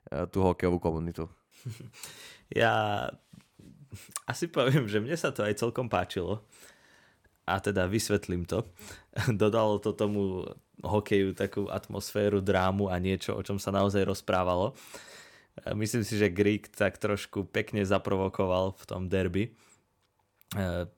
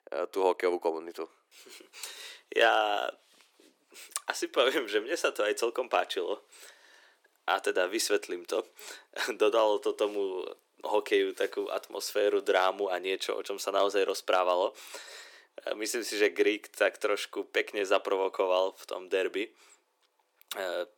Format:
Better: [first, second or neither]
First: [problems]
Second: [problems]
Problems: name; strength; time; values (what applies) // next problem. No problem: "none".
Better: first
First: none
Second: thin; very; fading below 350 Hz